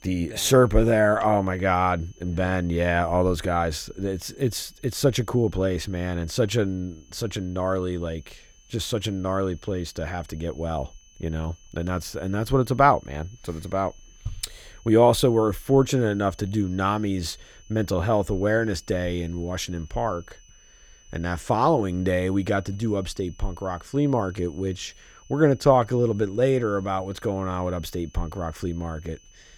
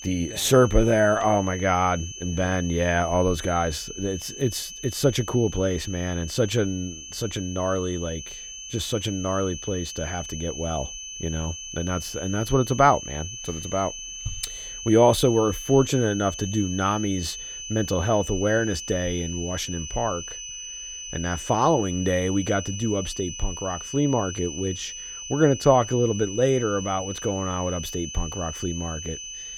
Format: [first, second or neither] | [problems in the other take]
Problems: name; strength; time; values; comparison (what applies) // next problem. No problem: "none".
first | high-pitched whine; loud; throughout; 6 kHz, 10 dB below the speech; faint in the first